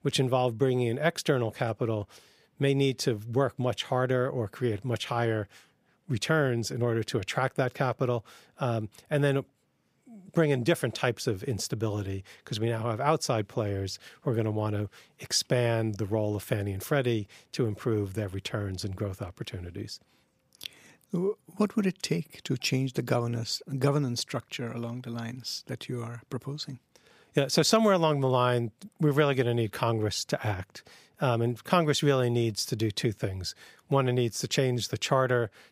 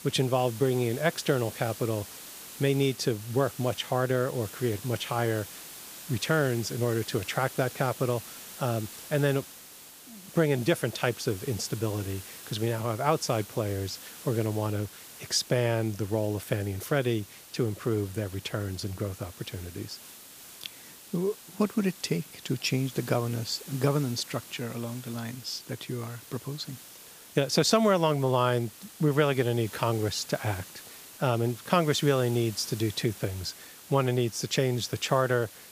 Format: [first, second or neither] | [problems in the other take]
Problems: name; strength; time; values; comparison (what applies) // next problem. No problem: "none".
first | hiss; noticeable; throughout; 15 dB below the speech